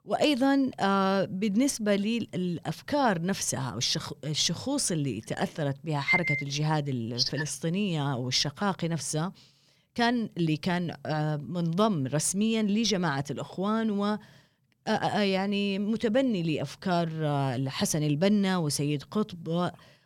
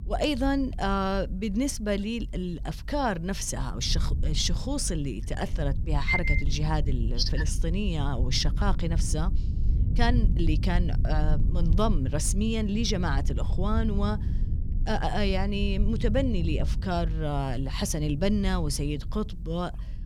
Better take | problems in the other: first | low rumble; noticeable; throughout; 15 dB below the speech

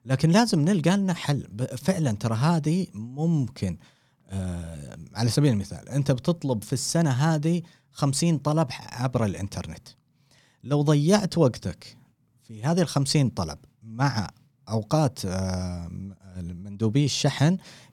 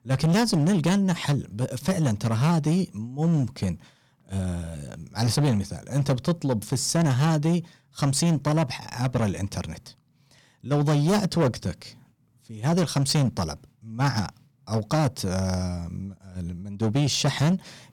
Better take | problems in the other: first | distortion; slight; 9% of the sound clipped

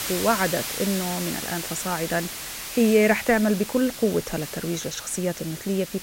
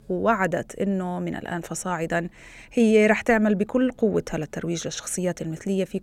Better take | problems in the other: second | hiss; loud; throughout; 7 dB below the speech

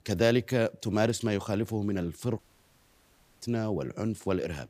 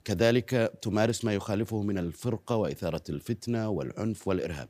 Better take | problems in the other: second | audio cutting out; at 2.5 s for 1 s

